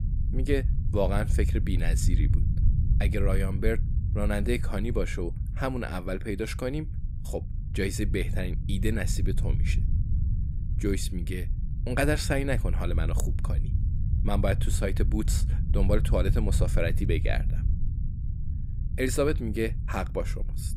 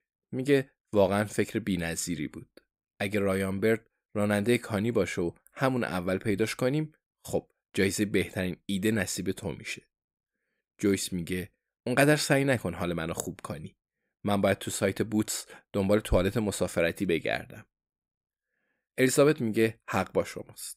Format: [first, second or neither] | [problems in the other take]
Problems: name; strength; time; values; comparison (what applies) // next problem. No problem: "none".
second | low rumble; noticeable; throughout; 10 dB below the speech